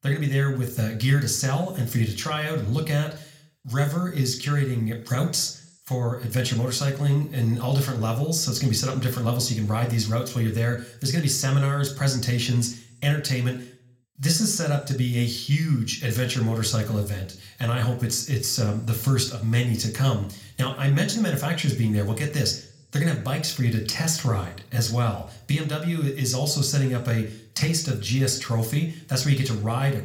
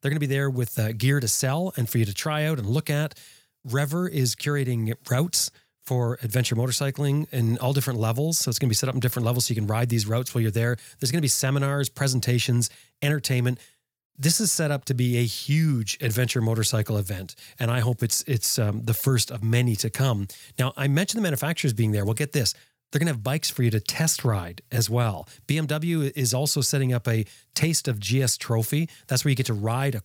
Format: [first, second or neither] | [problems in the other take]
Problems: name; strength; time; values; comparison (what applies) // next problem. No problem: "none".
second | room echo; very slight; dies away in 0.4 s